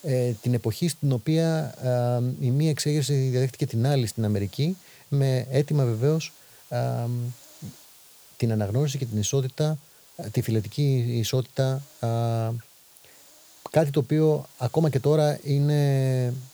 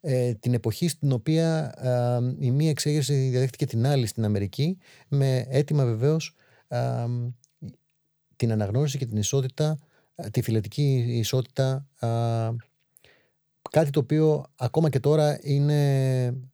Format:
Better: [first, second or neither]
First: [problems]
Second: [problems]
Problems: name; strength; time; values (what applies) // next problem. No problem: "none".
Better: second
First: hiss; faint; throughout; 25 dB below the speech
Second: none